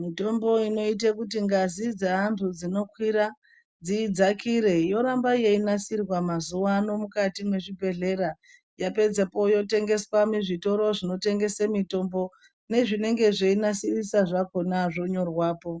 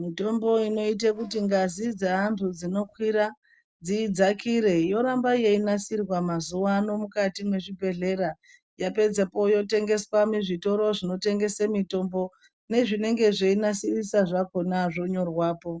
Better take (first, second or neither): first